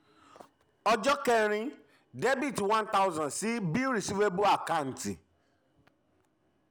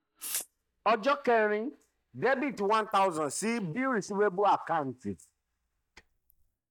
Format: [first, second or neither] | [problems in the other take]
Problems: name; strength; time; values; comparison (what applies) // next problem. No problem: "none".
first | noise reduction (neural mask model DeepFilterNet 3)